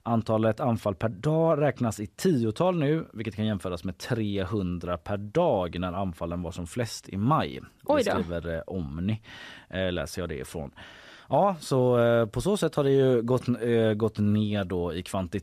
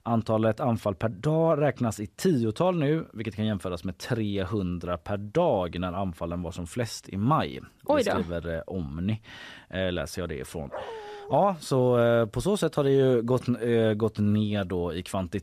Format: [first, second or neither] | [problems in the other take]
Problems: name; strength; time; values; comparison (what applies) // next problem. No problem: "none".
first | dog barking; faint; at 11 s; peak 10 dB below the speech